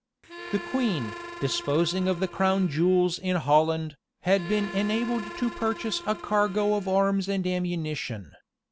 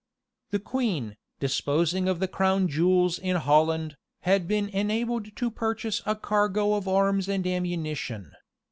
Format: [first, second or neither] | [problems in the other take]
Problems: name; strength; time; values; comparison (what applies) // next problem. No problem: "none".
second | background sound (Harmonica); 14 dB below the speech